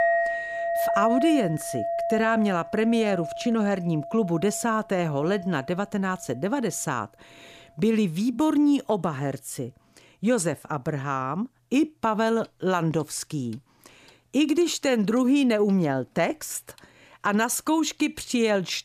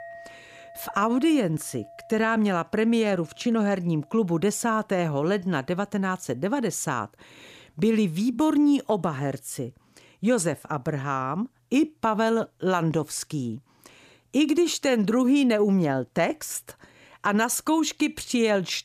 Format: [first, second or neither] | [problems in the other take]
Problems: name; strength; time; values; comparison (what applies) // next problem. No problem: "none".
second | household noises; loud; throughout; 5 dB below the speech; faint in the second